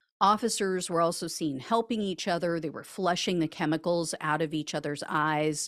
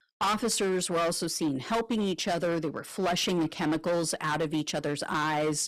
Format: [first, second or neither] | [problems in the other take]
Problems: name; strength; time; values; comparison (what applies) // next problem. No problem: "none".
first | distortion; heavy; 17% of the sound clipped